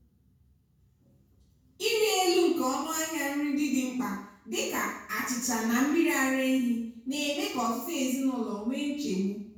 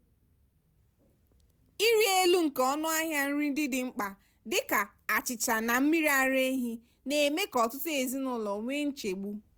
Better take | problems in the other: second | room echo; dies away in 0.6 s

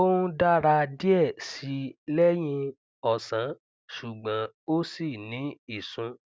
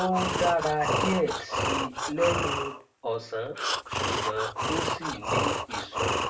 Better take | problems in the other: first | background sound (Breathing); 1 dB above the speech // room echo; dies away in 0.3 s

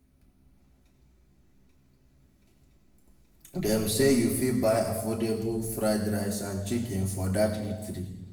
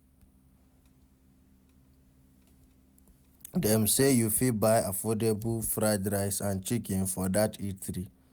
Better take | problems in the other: second | room echo; dies away in 1.1 s

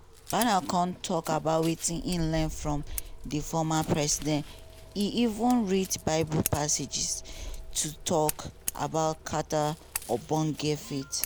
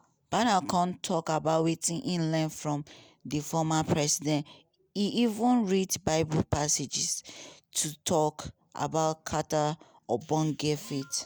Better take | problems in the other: second | background sound (Scissors); 11 dB below the speech

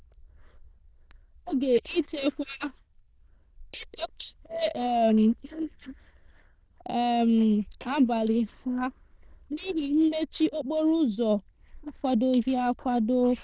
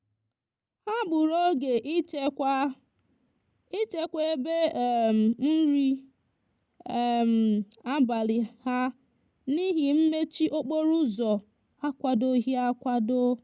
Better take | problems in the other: second | noise reduction (neural diffusion model UNIVERSE++)

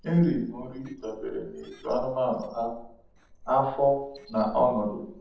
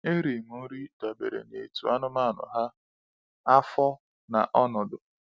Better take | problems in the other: second | noise reduction (neural separator model SepFormer DNS4)

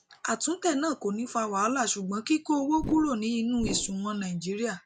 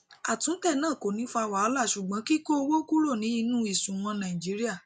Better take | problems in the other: second | background sound (Whoosh, swoosh, swish); 6 dB below the speech

